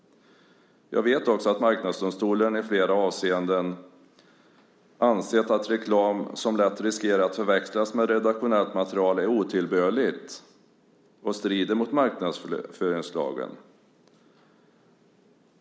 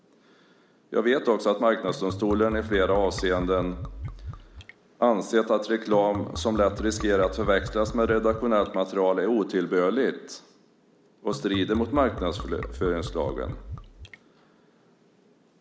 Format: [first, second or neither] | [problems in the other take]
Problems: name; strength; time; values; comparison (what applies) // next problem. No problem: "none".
first | background sound (Liquid); 11 dB below the speech